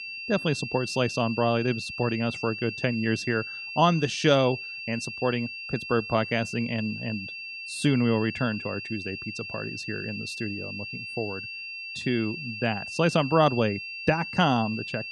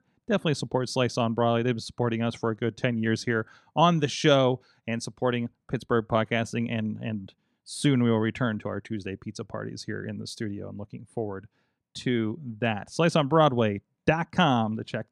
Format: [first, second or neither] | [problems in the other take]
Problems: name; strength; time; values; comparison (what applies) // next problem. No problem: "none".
second | high-pitched whine; loud; throughout; 2.5 kHz, 8 dB below the speech